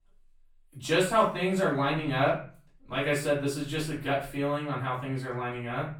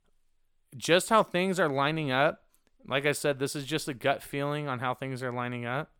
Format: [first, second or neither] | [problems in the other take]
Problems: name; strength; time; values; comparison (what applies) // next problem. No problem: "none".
second | off-mic speech; far // room echo; slight; dies away in 0.4 s